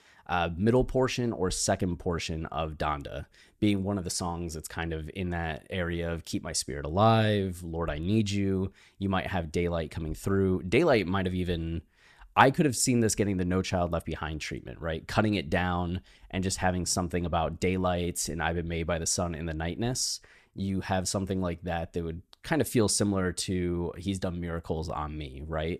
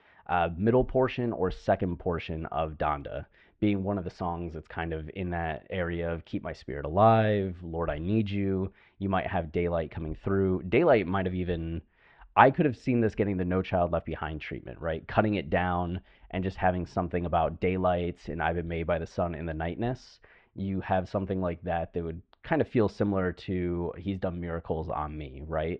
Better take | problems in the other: first | muffled; very; fading above 3 kHz

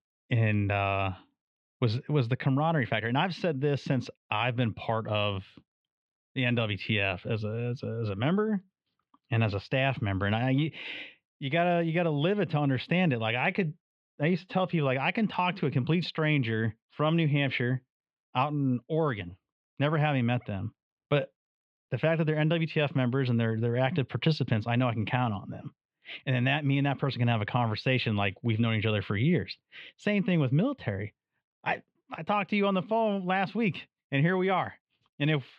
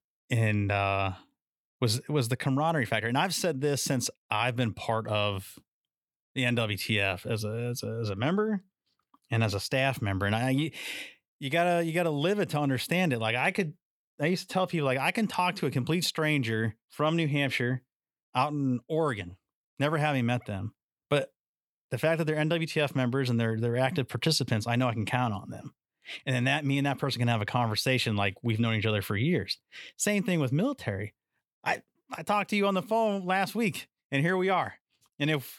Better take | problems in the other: second | muffled; slightly; fading above 3.5 kHz

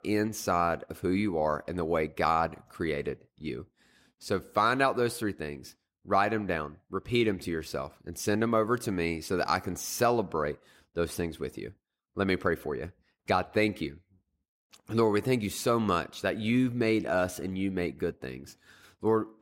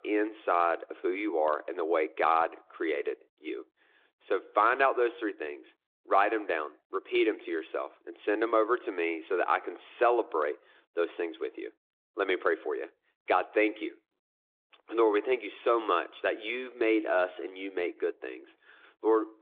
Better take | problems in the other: first | phone-call audio

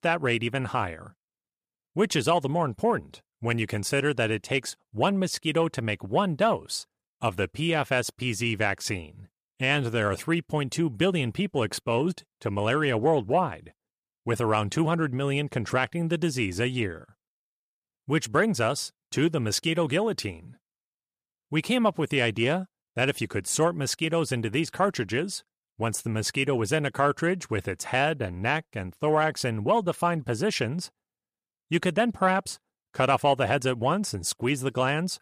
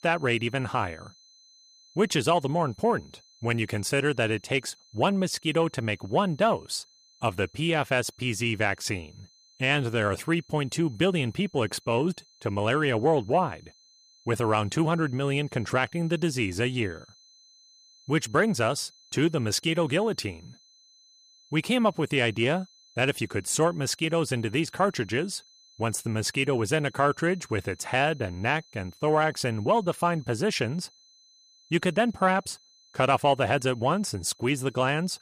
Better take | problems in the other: first | high-pitched whine; faint; throughout; 4 kHz, 30 dB below the speech

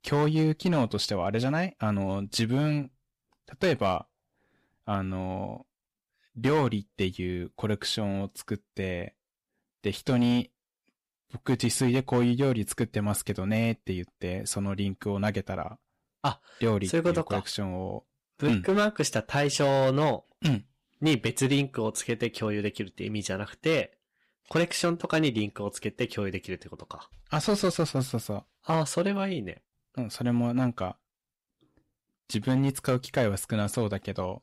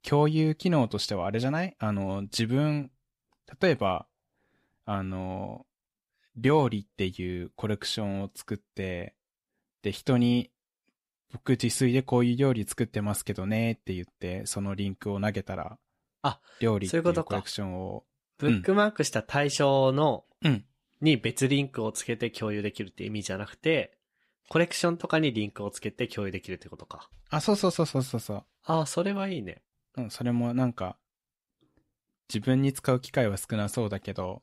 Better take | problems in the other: second | distortion; slight; 4% of the sound clipped

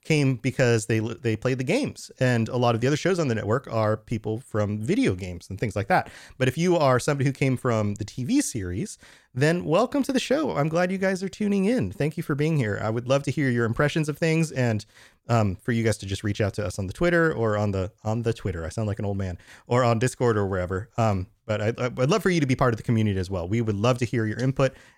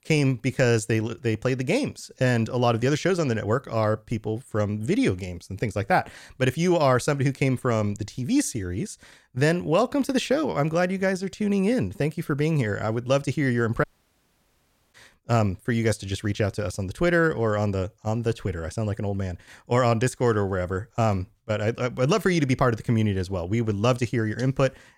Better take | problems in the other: first | audio cutting out; at 14 s for 1 s

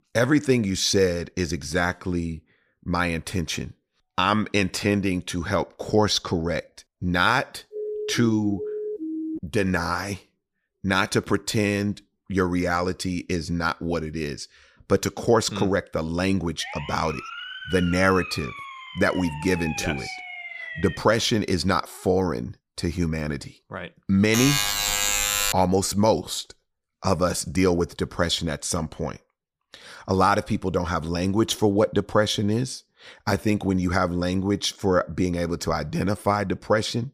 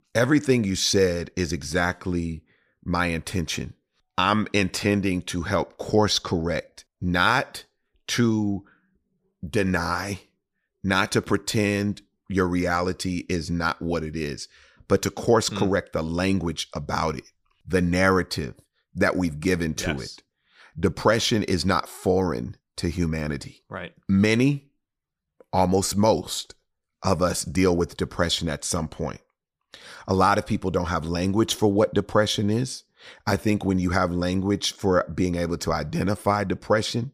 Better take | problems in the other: second | siren; noticeable; from 7.5 to 9.5 s and from 17 to 21 s; peak 6 dB below the speech // alarm; loud; from 24 to 26 s; peak 4 dB above the speech

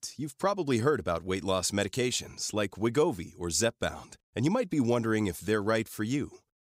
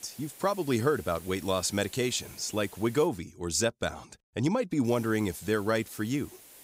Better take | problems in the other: first | hiss; noticeable; until 3 s and from 5 s on; 20 dB below the speech

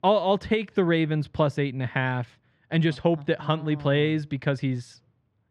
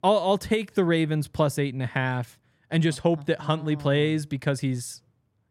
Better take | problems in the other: second | muffled; very slightly; fading above 3 kHz

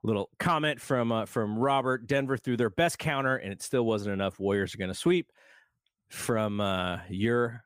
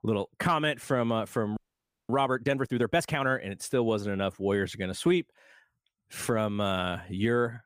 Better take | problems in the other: first | audio freezing; at 1.5 s for 0.5 s

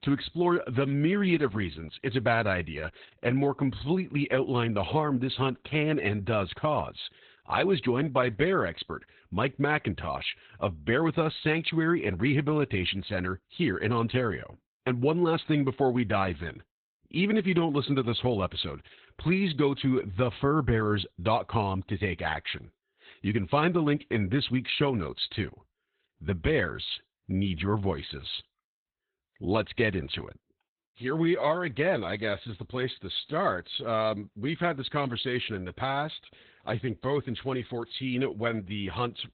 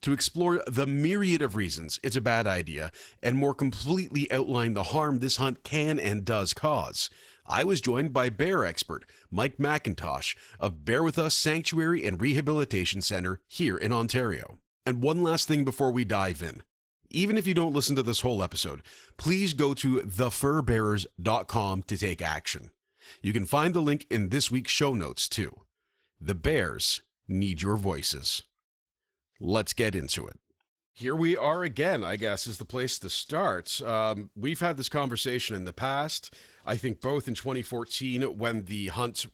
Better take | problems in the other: second | garbled, watery; badly; nothing above 4 kHz; slightly in the second

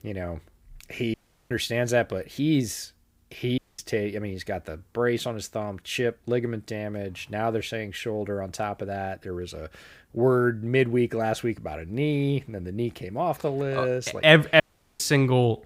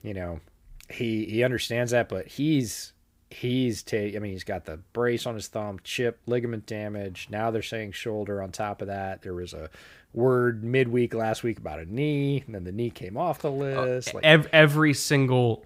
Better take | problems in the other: second | audio cutting out; at 1 s, at 3.5 s and at 15 s

